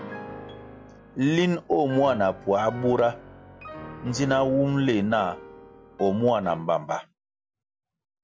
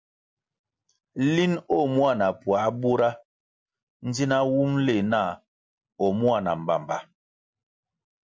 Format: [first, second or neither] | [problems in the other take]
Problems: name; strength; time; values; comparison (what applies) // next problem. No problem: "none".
second | background sound (Piano); 16 dB below the speech